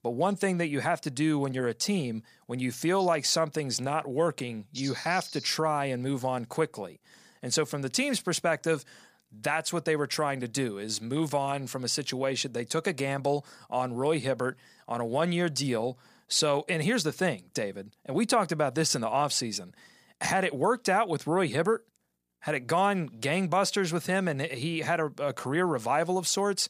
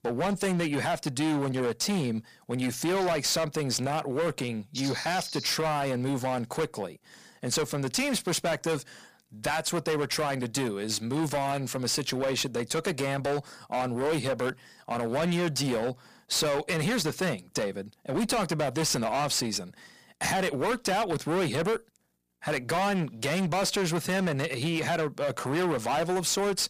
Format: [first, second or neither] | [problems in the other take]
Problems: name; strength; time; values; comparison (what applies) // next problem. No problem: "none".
first | distortion; heavy; 21% of the sound clipped